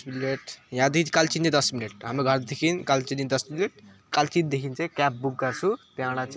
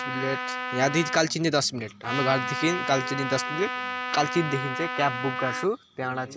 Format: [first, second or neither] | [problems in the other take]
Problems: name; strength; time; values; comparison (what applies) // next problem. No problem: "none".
first | background sound (Trumpet); 5 dB below the speech